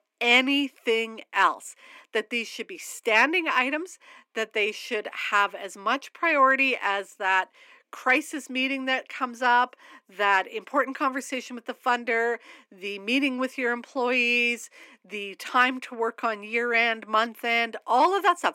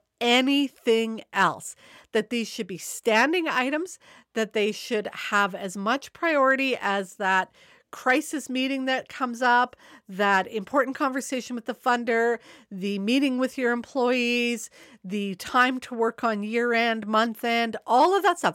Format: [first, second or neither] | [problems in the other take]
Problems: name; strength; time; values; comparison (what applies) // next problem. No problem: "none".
second | thin; very slightly; fading below 250 Hz